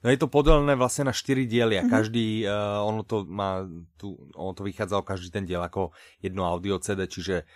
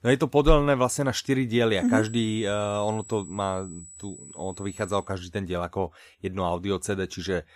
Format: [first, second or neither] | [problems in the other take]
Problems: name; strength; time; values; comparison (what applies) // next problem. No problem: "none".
first | high-pitched whine; noticeable; from 2 to 5 s; 8 kHz, 15 dB below the speech